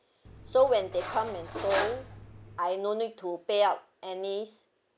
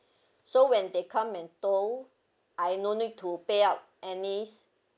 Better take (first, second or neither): second